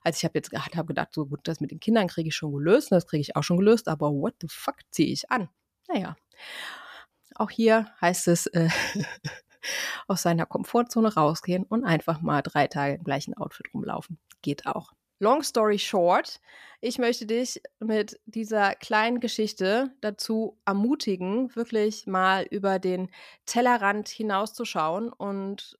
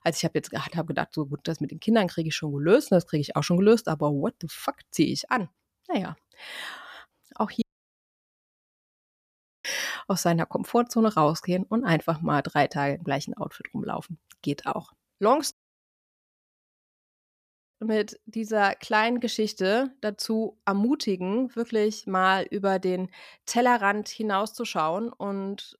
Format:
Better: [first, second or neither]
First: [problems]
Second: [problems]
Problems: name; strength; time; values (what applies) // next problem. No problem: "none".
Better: first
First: none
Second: audio cutting out; at 7.5 s for 2 s and at 16 s for 2 s